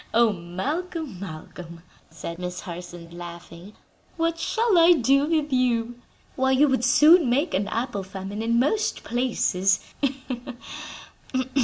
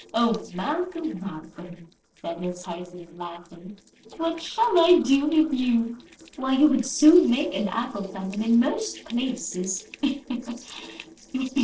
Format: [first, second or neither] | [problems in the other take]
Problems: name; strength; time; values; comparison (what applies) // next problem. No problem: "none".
first | noise reduction (neural separator model SepFormer DNS4)